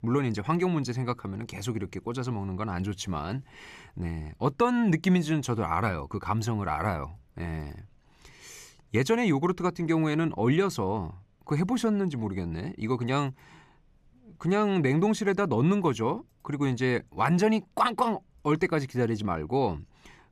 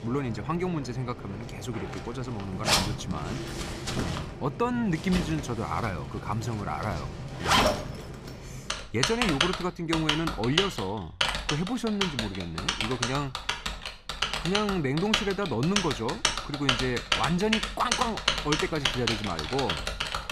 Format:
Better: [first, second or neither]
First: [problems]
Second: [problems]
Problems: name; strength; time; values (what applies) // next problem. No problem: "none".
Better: first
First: none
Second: household noises; very loud; throughout; 1 dB above the speech